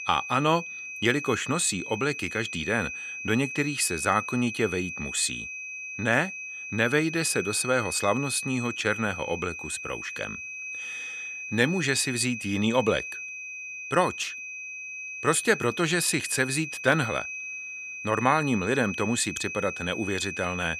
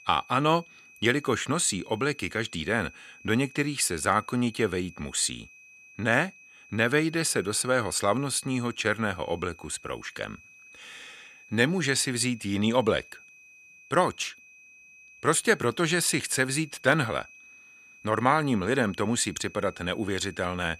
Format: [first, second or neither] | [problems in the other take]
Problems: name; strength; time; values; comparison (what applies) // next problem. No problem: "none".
second | high-pitched whine; loud; throughout; 2.5 kHz, 8 dB below the speech; faint in the second